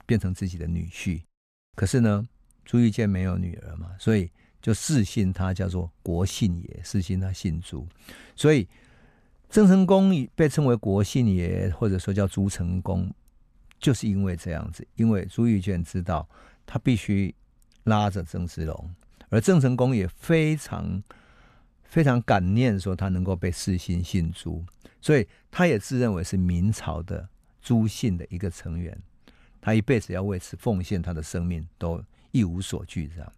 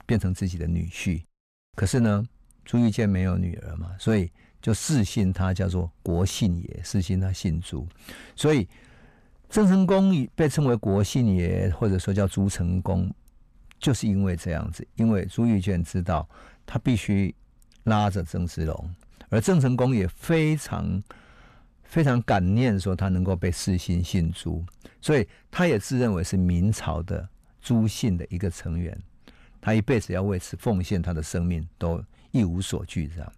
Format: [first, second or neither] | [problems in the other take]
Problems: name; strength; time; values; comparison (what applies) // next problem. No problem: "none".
first | distortion; slight; 10 dB below the speech